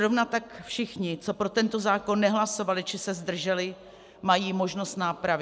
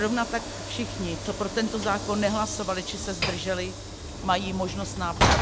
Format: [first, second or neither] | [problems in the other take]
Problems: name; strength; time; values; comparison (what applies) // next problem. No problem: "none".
first | background sound (Sliding door / Train); 2 dB below the speech